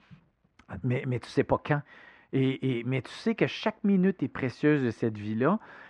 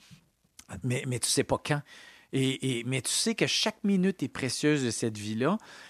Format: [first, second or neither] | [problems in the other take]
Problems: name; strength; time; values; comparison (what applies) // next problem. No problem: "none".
second | muffled; very; fading above 1.5 kHz